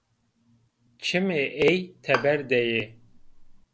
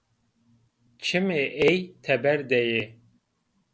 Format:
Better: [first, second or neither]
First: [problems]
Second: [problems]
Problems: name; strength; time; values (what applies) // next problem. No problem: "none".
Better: second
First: background sound (Bowed string instrument); 9 dB below the speech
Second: none